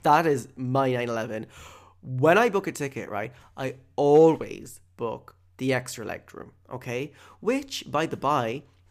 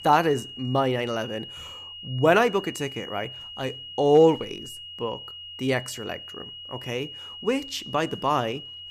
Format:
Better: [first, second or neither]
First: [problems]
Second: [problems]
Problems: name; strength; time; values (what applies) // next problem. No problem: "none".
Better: first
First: none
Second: high-pitched whine; noticeable; throughout; 3 kHz, 10 dB below the speech